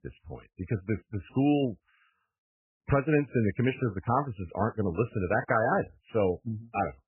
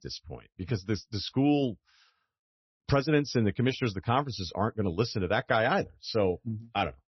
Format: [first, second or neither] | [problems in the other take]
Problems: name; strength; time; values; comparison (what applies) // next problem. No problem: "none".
second | garbled, watery; badly; nothing above 3 kHz; slightly in the second